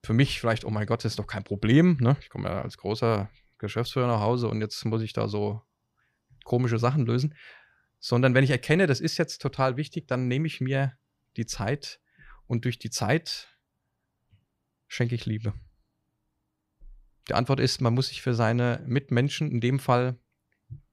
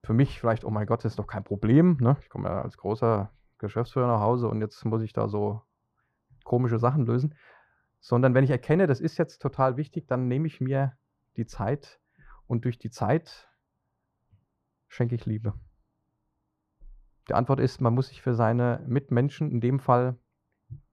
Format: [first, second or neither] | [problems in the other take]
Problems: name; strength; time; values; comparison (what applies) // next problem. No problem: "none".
first | muffled; very; fading above 1.5 kHz